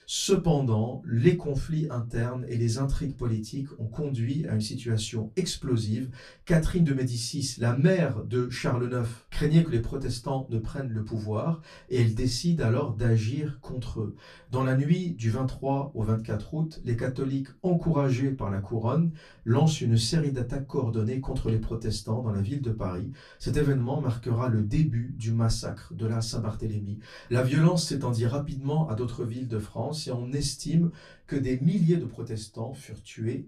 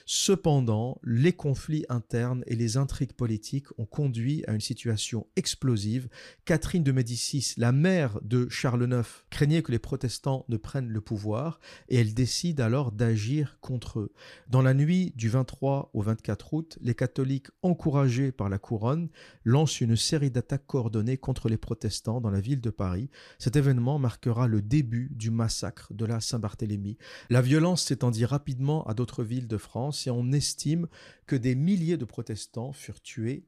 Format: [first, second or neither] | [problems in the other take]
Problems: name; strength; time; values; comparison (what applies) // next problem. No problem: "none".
second | off-mic speech; far // room echo; very slight; dies away in 0.2 s